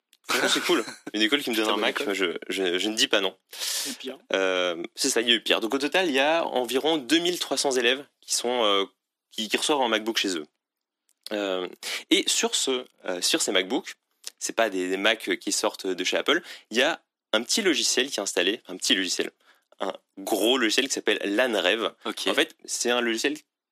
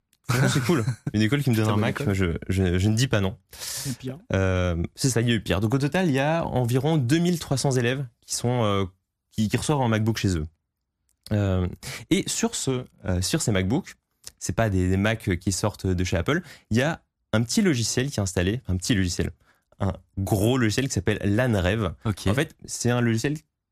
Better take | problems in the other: second | thin; somewhat; fading below 300 Hz

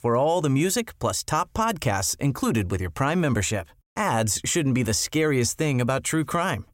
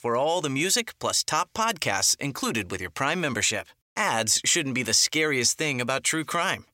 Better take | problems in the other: first | thin; very slightly; fading below 650 Hz

